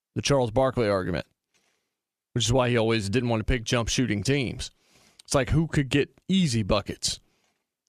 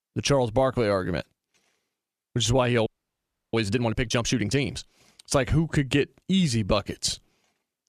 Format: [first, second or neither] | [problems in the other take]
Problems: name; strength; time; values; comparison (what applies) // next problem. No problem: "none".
first | audio freezing; at 3 s for 0.5 s